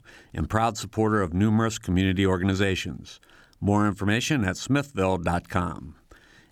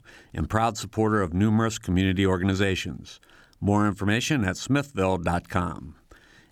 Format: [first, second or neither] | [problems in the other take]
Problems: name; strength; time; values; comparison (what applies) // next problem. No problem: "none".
neither | none